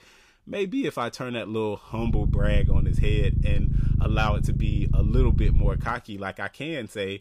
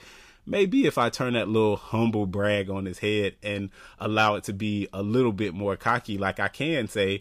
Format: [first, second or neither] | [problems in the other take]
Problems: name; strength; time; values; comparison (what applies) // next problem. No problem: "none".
second | low rumble; loud; from 2 to 6 s; 7 dB below the speech